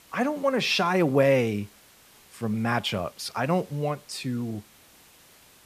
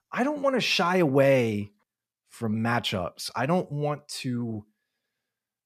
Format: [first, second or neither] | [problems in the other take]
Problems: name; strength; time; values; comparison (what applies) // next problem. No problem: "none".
second | hiss; faint; throughout; 25 dB below the speech